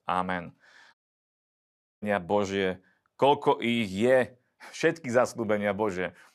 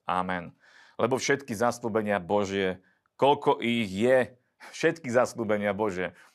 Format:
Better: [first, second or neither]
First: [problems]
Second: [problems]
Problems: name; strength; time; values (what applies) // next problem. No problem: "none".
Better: second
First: audio cutting out; at 1 s for 1 s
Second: none